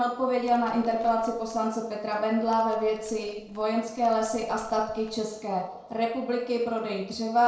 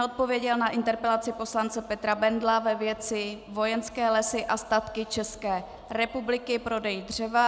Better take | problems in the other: second | noise reduction (neural separator model SepFormer DNS4)

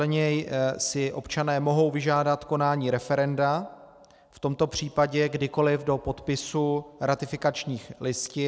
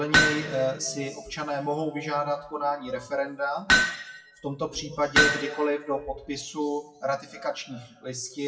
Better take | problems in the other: first | noise reduction (classical method WPE with log-MMSE)

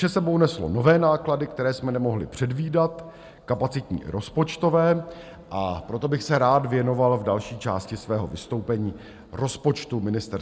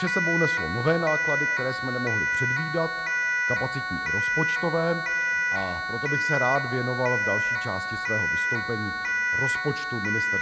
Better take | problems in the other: first | background sound (Siren); 3 dB above the speech

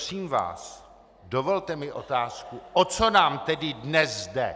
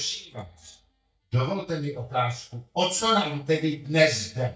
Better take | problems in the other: first | noise reduction (neural mask model DeepFilterNet 3)

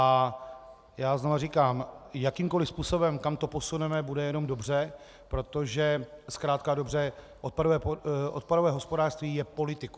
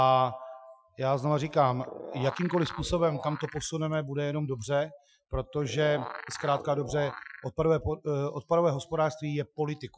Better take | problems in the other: first | noise reduction (classical method Wiener filter)

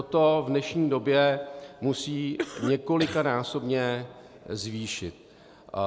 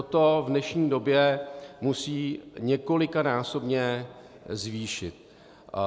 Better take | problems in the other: second | background sound (Cough); 8 dB below the speech

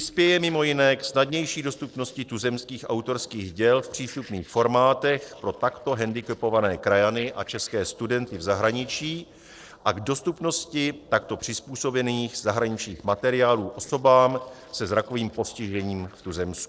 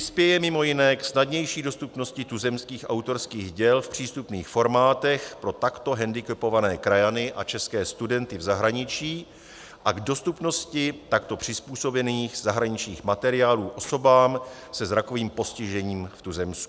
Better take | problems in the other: second | noise reduction (neural separator model SepFormer DNS4)

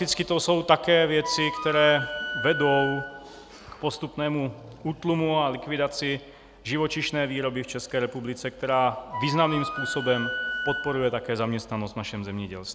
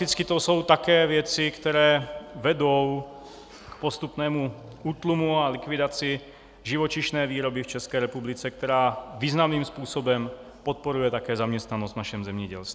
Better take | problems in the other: second | background sound (Wind instrument, woodwind instrument); 6 dB below the speech

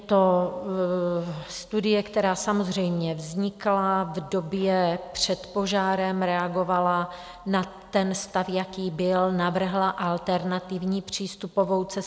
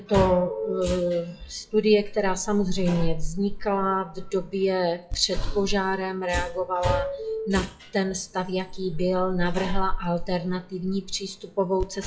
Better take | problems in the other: first | noise reduction (classical method WPE with log-MMSE)

